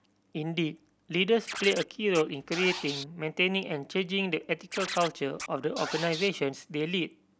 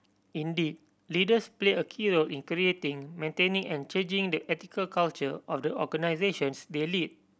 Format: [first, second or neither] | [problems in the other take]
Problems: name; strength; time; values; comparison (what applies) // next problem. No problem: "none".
second | background sound (Scratching (performance technique)); 11 dB below the speech